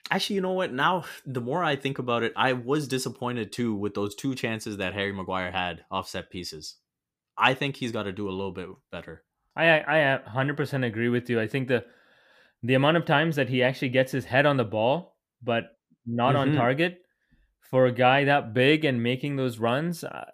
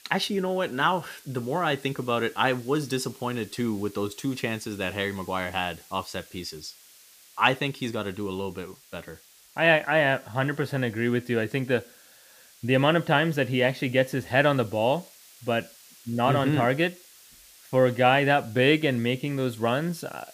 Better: first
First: none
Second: hiss; faint; throughout; 25 dB below the speech

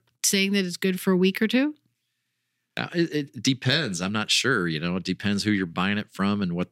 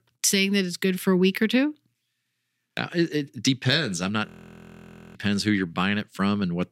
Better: first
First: none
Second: audio freezing; at 4.5 s for 1 s

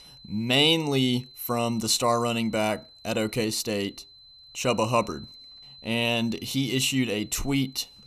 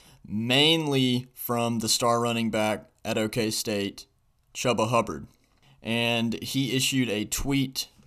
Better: second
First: high-pitched whine; faint; throughout; 4 kHz, 20 dB below the speech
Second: none

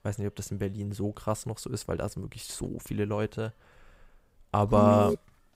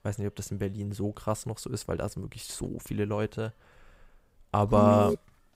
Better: neither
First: alarm; loud; at 4.5 s; peak 3 dB above the speech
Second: alarm; loud; at 4.5 s; peak 3 dB above the speech

